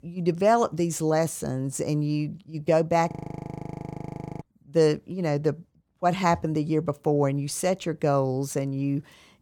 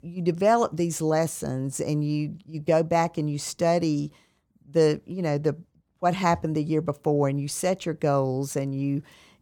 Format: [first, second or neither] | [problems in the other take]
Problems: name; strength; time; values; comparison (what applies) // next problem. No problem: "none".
second | audio freezing; at 3 s for 1.5 s